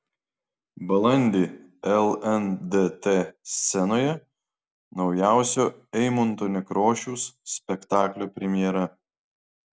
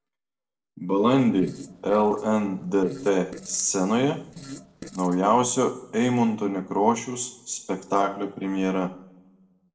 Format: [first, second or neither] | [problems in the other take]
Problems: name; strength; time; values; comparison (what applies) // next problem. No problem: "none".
first | noise reduction (neural separator model SepFormer DNS4)